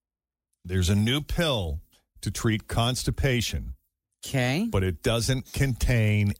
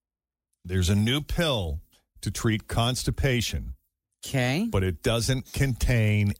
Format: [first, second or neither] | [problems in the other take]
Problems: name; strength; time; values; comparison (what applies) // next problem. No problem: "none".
neither | none